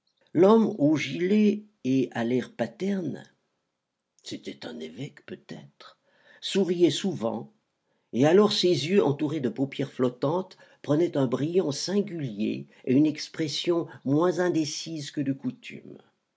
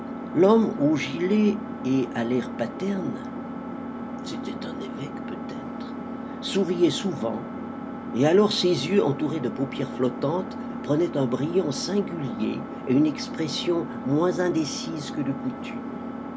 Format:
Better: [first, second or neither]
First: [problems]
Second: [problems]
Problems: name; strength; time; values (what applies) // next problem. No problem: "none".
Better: first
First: none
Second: background sound (Engine); 8 dB below the speech